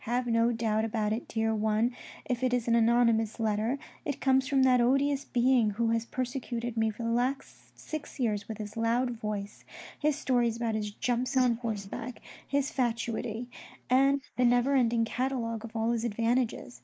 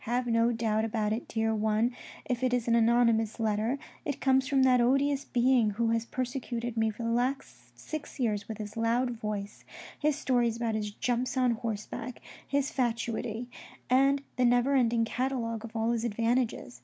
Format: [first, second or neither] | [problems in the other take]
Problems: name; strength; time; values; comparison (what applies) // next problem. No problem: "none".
second | noise reduction (neural mask model Resemble Enhance denoiser)